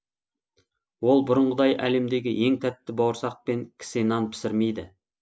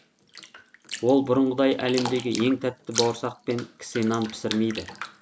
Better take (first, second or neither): first